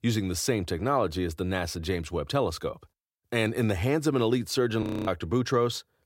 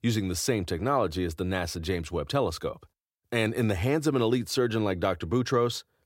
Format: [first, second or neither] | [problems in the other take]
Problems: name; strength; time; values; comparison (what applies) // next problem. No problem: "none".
second | audio freezing; at 5 s